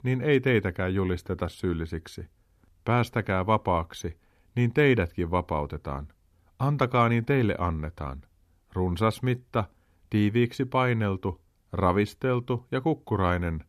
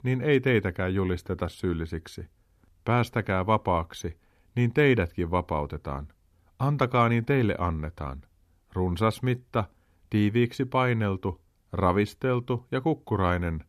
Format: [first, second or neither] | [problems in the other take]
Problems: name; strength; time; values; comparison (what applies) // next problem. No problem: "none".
neither | none